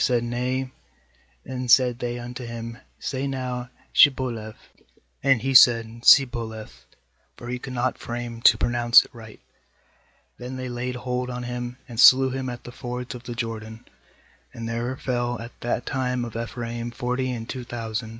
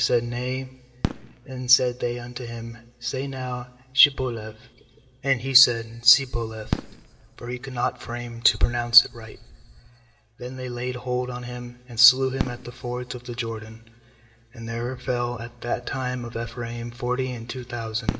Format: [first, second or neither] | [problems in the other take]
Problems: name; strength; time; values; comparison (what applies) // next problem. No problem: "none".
first | background sound (Fireworks); 13 dB below the speech // room echo; dies away in 2.2 s